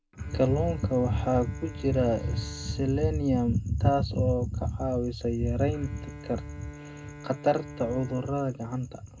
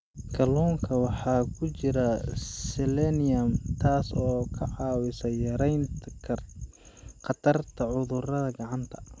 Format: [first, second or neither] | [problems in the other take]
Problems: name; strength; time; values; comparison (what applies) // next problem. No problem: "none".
second | background sound (Bowed string instrument); 18 dB below the speech // room echo; dies away in 0.2 s